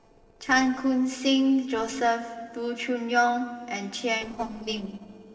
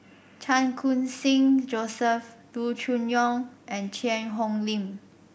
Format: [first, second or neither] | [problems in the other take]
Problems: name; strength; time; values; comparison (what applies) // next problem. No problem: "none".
second | noise reduction (neural separator model SepFormer DNS4)